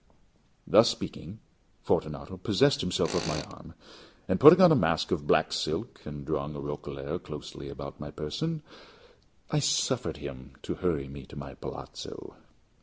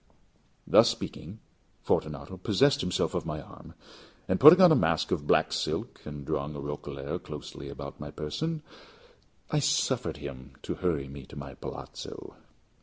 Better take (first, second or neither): second